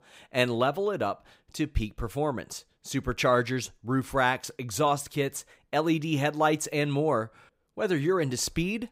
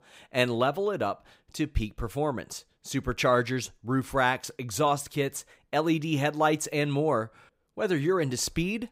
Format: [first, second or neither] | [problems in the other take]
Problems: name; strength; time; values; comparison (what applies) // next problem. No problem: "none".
neither | none